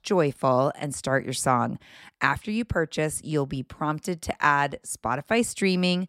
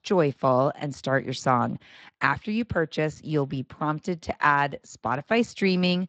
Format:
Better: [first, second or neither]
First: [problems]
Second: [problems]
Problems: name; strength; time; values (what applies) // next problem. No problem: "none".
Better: first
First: none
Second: garbled, watery; slightly; nothing above 7.5 kHz